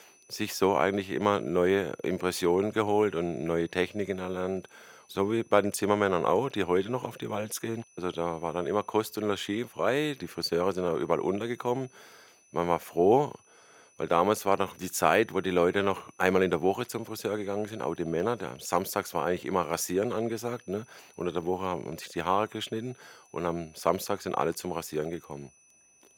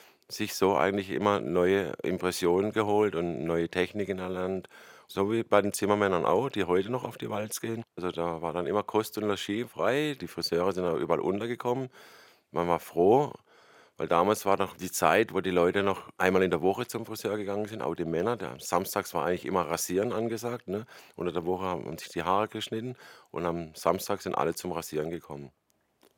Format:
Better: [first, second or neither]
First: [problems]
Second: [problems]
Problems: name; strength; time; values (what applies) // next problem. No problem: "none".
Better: second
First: high-pitched whine; faint; throughout; 6 kHz, 30 dB below the speech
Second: none